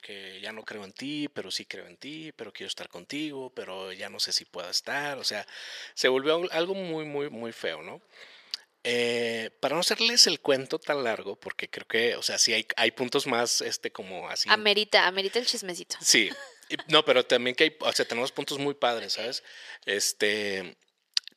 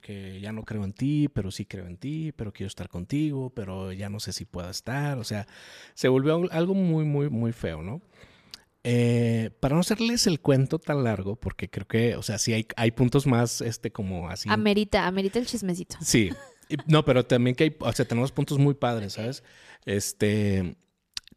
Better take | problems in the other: second | thin; very; fading below 500 Hz

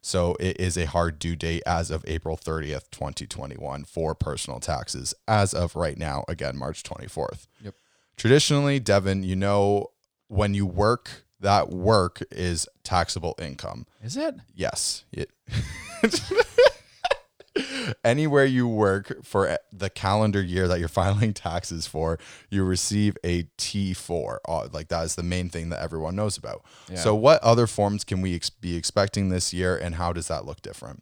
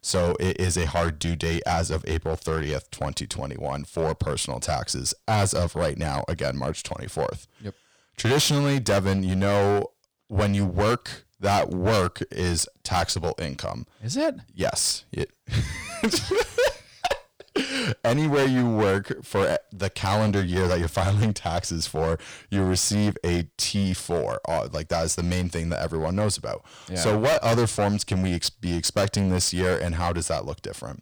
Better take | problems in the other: first | distortion; heavy; 10% of the sound clipped

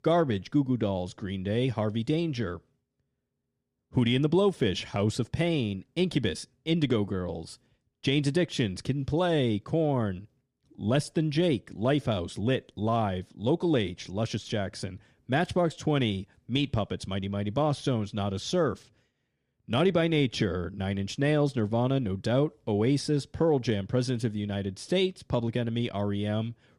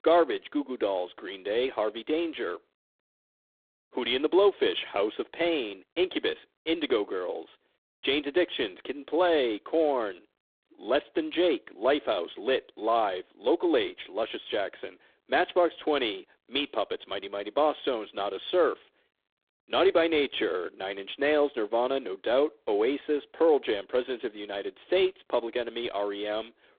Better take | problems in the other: first | phone-call audio; poor line; nothing above 3.5 kHz

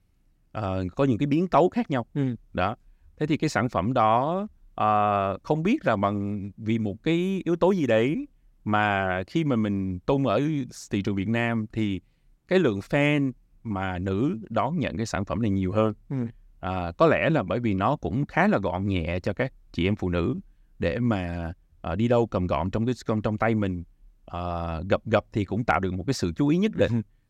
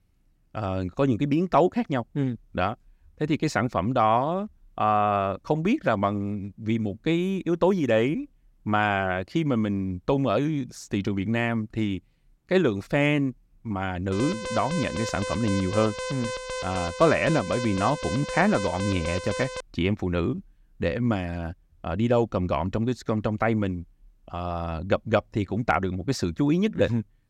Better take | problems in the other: first | alarm; noticeable; from 14 to 20 s; peak 6 dB below the speech

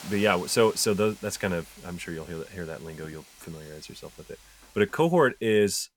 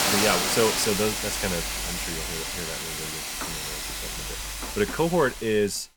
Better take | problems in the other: first | hiss; loud; throughout; 1 dB below the speech; faint in the first

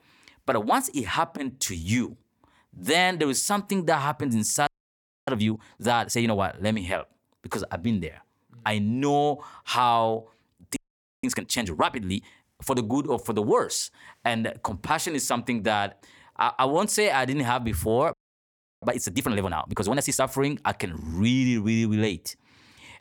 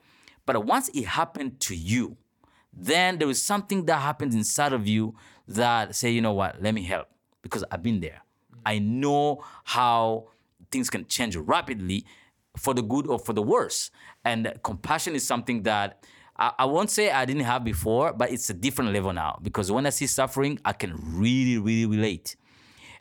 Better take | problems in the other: second | audio freezing; at 4.5 s for 0.5 s, at 11 s and at 18 s for 0.5 s

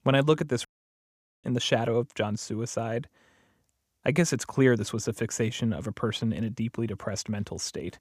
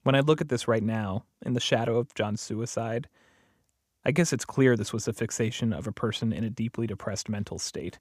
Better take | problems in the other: second | audio cutting out; at 0.5 s for 1 s

